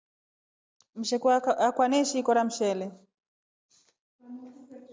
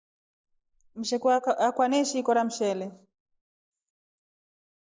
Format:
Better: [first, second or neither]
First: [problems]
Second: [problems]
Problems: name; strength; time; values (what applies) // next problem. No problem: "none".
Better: first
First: none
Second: noise reduction (neural mask model Resemble Enhance denoiser)